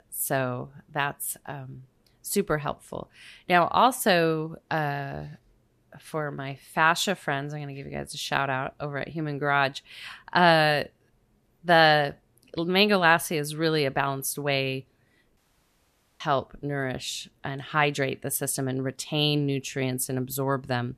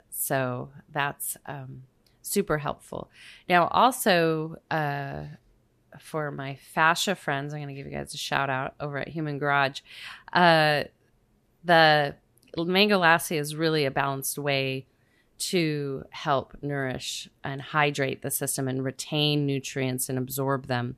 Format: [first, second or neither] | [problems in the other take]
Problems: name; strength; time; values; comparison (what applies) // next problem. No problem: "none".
second | audio cutting out; at 15 s for 1 s